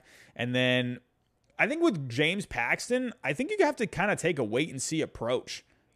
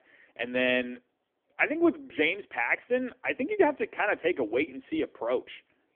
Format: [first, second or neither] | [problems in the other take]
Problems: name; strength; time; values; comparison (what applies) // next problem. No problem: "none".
first | phone-call audio; poor line; nothing above 3.5 kHz